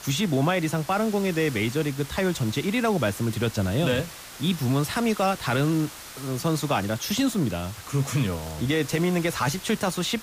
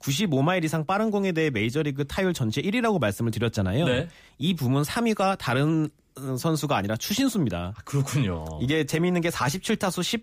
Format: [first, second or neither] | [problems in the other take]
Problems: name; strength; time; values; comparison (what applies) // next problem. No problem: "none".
second | hiss; noticeable; throughout; 15 dB below the speech